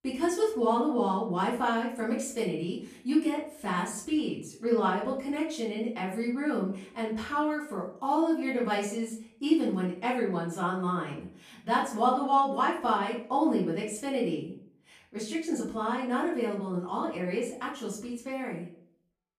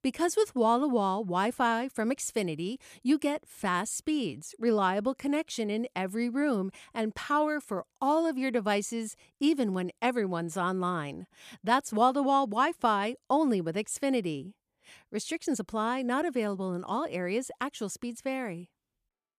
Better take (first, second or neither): second